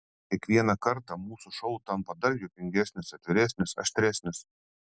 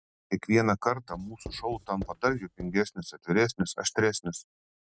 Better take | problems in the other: first | noise reduction (neural mask model RNNoise)

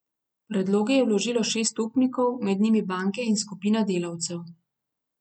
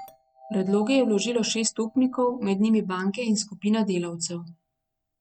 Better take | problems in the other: first | noise reduction (neural mask model RNNoise)

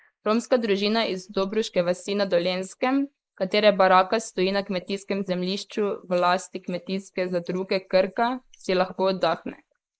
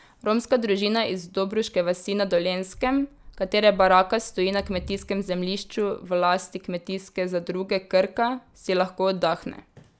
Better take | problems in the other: second | noise reduction (neural mask model Resemble Enhance denoiser)

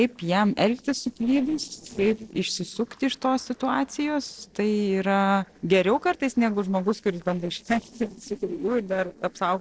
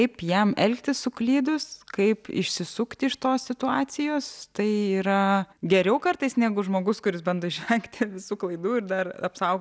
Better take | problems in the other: second | noise reduction (neural separator model SepFormer DNS4)

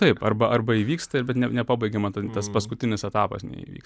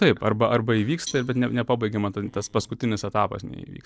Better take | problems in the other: first | noise reduction (neural separator model SepFormer DNS4)

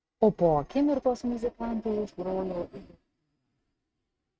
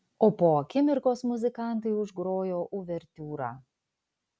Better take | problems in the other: second | noise reduction (neural mask model RNNoise)

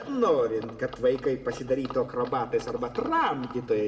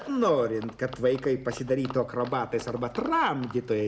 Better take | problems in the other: second | room echo; dies away in 1.3 s

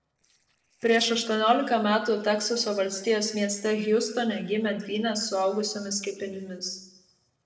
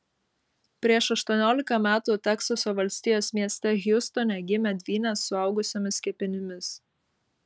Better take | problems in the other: second | noise reduction (neural separator model SepFormer DNS4)

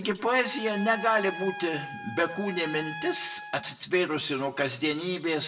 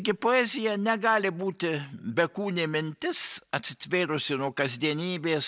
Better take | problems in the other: second | background sound (Trumpet); 11 dB below the speech // room echo; dies away in 0.6 s

